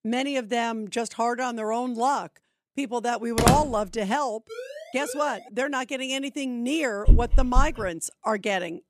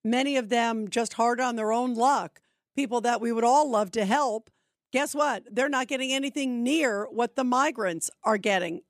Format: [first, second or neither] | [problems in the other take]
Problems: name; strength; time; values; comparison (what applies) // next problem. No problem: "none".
second | door banging; loud; at 3.5 s; peak 5 dB above the speech // siren; faint; from 4.5 to 5.5 s; peak 10 dB below the speech // dog barking; loud; at 7 s; peak 4 dB above the speech